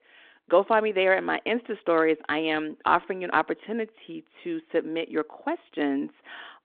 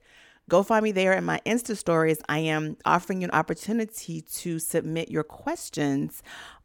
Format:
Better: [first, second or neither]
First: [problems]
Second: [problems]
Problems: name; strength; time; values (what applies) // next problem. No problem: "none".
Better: second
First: phone-call audio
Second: none